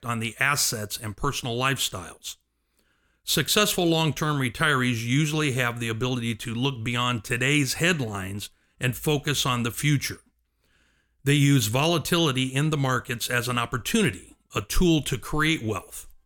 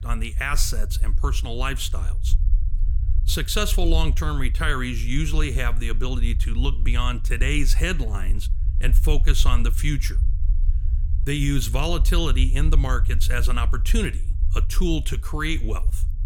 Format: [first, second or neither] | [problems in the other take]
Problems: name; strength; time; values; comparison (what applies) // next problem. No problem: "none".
first | low rumble; noticeable; throughout; 20 dB below the speech